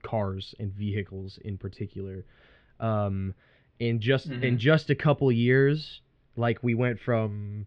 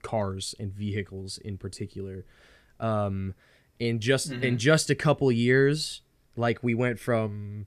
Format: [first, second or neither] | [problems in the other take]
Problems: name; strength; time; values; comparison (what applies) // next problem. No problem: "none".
second | muffled; slightly; fading above 3.5 kHz